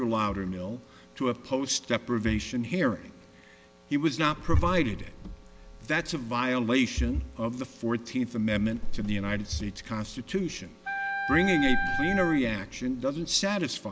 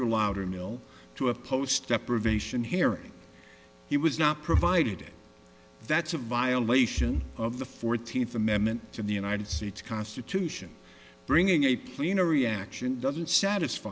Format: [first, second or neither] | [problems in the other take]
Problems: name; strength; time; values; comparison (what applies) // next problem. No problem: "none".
second | background sound (Car + Wind instrument, woodwind instrument); 4 dB below the speech